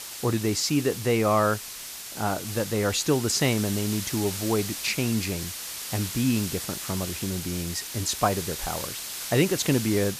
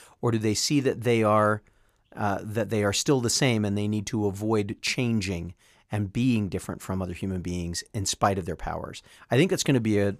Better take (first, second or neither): second